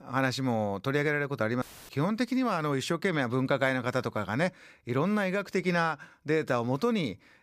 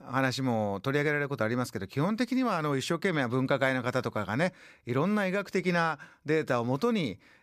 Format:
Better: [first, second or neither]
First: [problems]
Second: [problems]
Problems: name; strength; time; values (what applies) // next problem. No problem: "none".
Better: second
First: audio cutting out; filled with static; at 1.5 s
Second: none